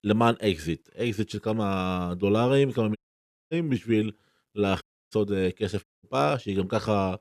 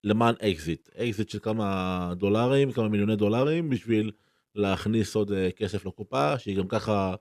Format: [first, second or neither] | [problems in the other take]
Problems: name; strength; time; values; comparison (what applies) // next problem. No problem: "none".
second | audio cutting out; at 3 s for 0.5 s, at 5 s and at 6 s